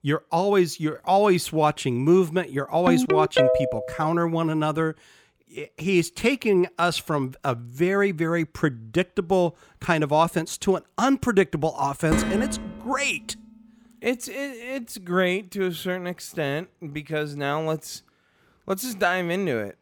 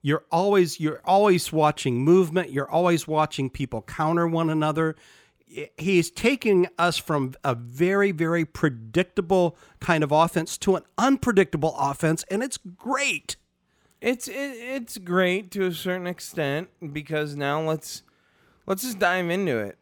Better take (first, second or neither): second